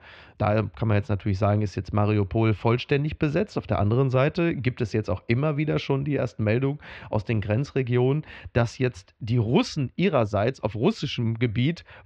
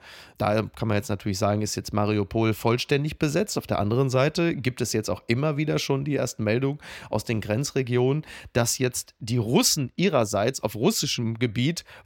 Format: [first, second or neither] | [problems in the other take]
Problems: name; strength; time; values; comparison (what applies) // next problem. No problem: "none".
second | muffled; slightly; fading above 3.5 kHz